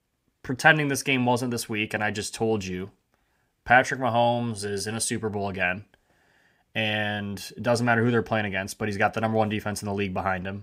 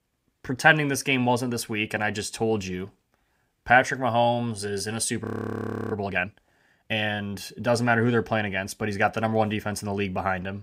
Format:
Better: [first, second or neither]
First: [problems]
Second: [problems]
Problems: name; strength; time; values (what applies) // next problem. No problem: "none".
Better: first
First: none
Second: audio freezing; at 5 s for 0.5 s